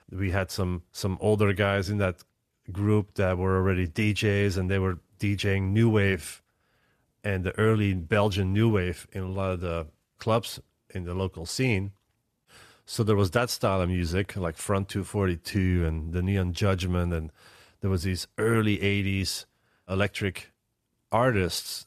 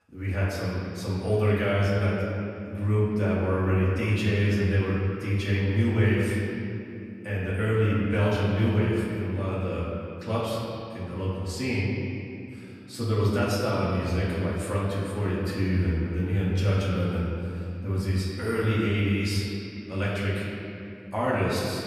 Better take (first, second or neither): first